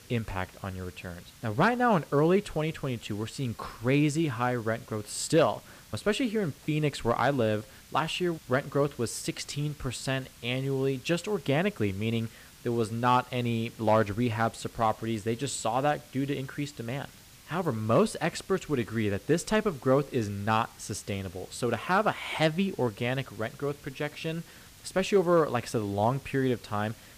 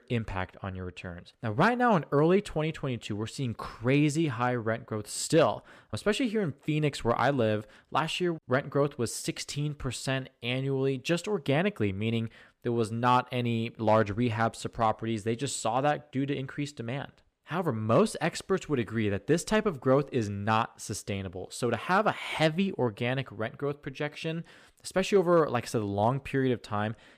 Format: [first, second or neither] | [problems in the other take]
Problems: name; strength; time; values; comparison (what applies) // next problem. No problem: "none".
second | hiss; faint; throughout; 20 dB below the speech